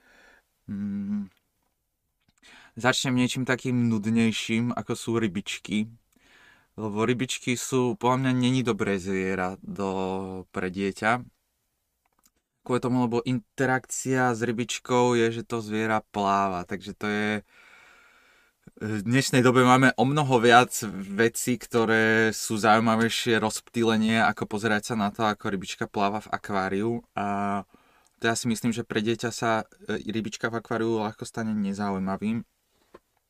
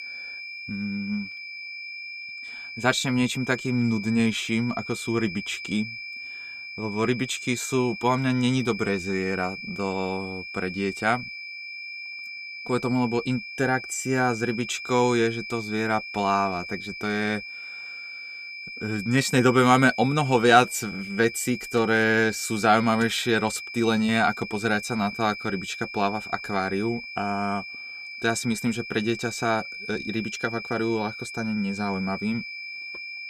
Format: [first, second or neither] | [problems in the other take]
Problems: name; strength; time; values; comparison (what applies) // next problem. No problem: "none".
first | high-pitched whine; loud; throughout; 2.5 kHz, 10 dB below the speech